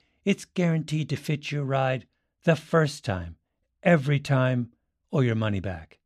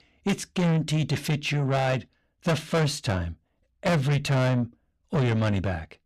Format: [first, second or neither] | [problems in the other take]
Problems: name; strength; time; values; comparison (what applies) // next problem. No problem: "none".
first | distortion; heavy; 7 dB below the speech